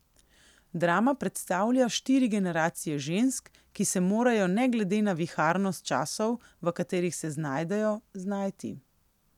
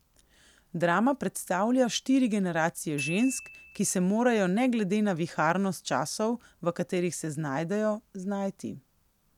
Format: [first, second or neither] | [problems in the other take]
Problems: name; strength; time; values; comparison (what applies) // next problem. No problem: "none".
first | background sound (Glockenspiel); 17 dB below the speech